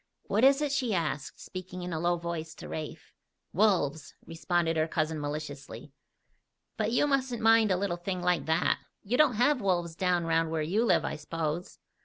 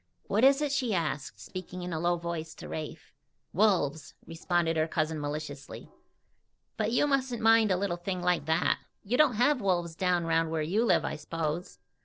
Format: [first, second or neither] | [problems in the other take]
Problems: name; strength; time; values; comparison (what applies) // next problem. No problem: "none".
first | noise reduction (neural separator model SepFormer DNS4)